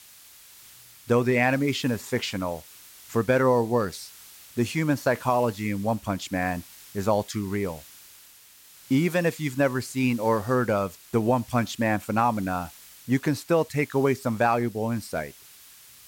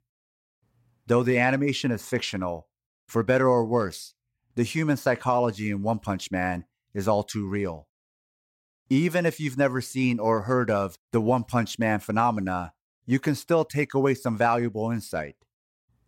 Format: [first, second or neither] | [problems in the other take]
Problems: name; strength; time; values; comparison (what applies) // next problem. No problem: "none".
second | hiss; faint; throughout; 20 dB below the speech